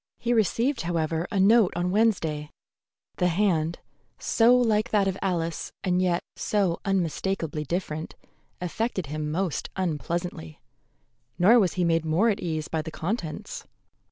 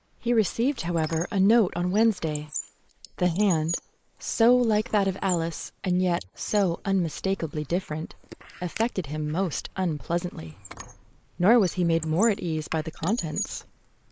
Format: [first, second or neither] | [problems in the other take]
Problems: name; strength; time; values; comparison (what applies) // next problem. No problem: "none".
first | noise reduction (neural mask model Resemble Enhance denoiser)